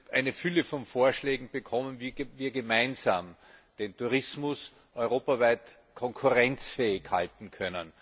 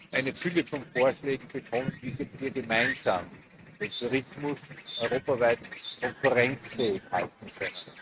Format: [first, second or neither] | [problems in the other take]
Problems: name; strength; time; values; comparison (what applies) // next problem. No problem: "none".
first | noise reduction (neural mask model RNNoise)